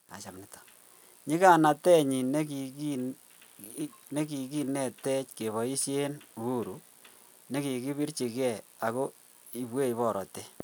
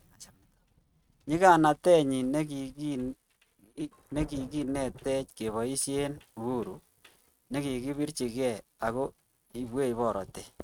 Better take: first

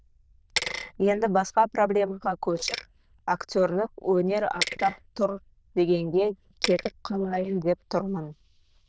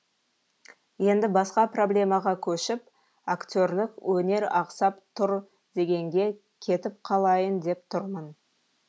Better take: second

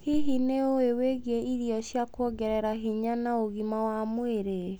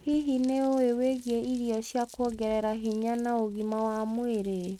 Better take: first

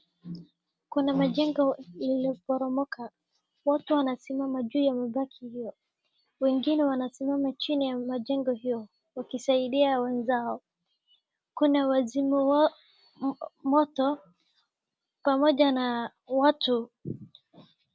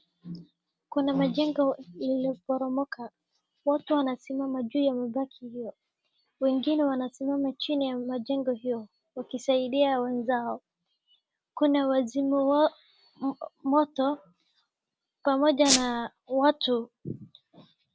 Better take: first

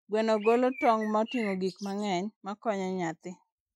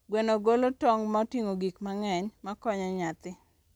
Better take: second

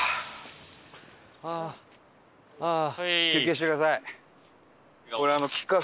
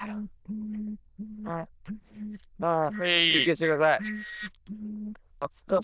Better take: first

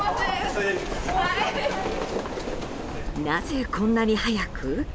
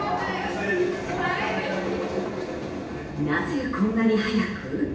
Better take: first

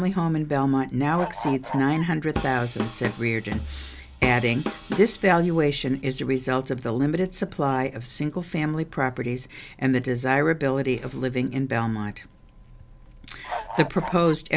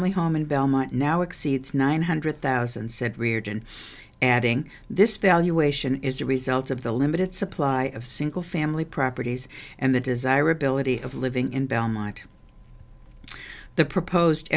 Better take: second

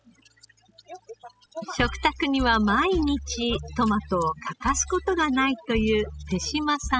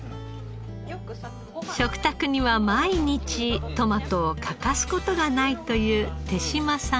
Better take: second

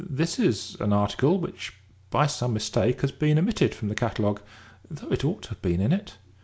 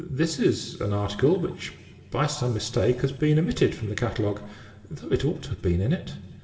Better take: first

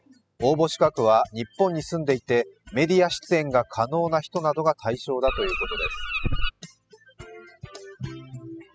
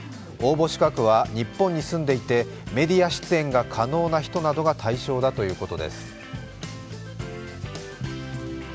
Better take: second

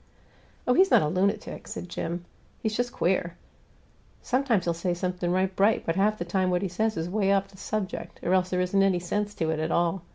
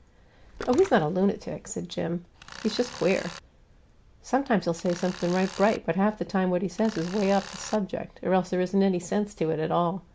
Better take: first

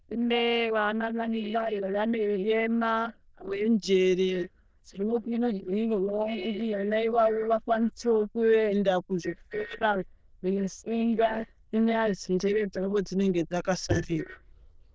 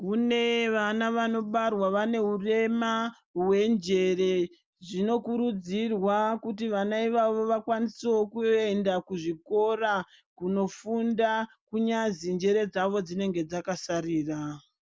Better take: second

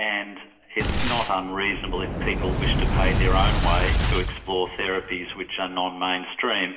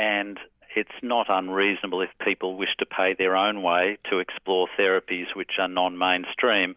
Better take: second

